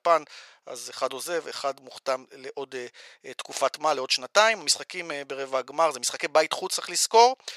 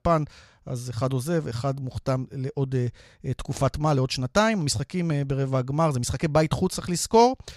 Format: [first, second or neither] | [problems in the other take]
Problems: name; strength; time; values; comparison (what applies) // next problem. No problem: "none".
second | thin; very; fading below 500 Hz